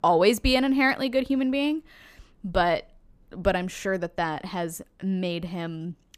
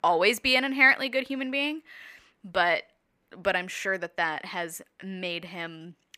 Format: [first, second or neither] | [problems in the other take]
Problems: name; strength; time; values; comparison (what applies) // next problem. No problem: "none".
first | thin; very slightly; fading below 500 Hz